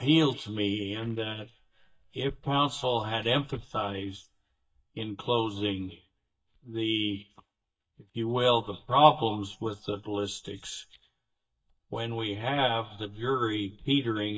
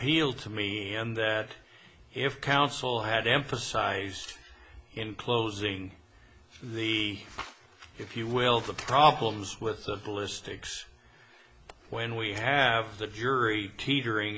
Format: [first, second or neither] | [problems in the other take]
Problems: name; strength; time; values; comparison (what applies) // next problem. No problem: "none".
second | noise reduction (neural mask model DeepFilterNet 3)